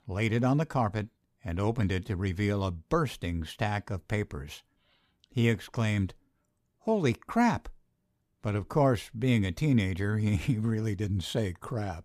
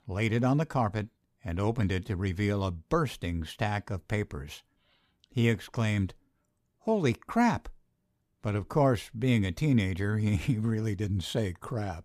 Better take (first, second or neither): neither